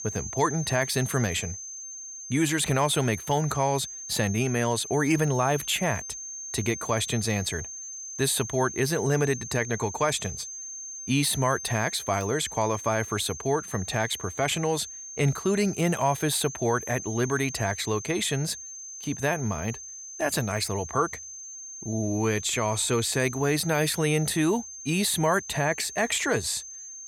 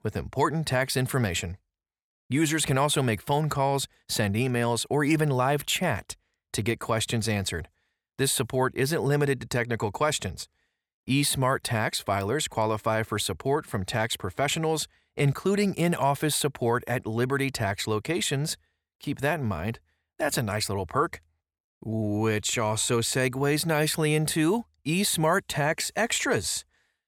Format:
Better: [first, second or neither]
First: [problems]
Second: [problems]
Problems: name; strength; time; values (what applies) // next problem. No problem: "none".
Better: second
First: high-pitched whine; loud; throughout; 6.5 kHz, 10 dB below the speech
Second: none